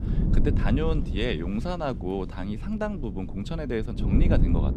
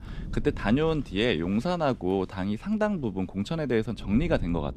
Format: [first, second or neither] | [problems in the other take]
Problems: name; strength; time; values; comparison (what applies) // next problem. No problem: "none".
second | wind noise on the microphone; heavy; 7 dB below the speech; occasional gusts in the second